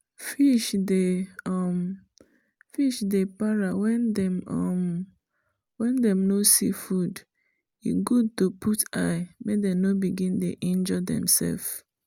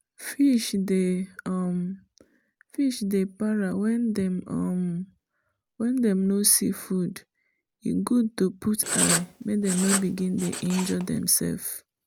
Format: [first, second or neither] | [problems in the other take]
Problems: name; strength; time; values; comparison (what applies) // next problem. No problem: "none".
first | background sound (Writing); 4 dB below the speech